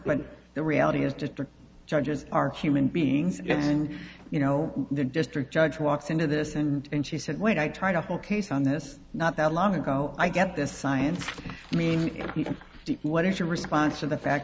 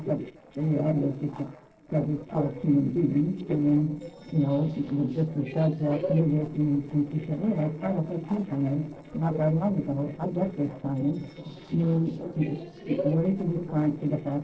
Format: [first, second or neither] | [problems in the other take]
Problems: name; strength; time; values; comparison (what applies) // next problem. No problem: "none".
first | noise reduction (neural separator model SepFormer DNS4)